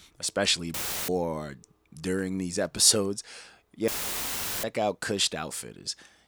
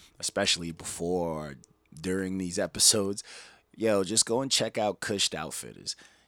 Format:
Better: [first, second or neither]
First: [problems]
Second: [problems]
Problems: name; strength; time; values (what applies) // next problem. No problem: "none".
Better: second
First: audio cutting out; filled with static; at 0.5 s and at 4 s for 1 s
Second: none